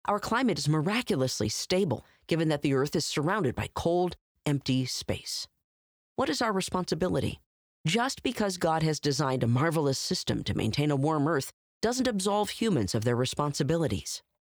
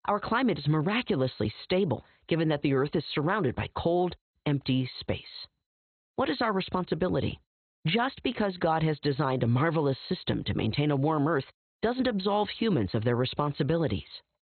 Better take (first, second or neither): first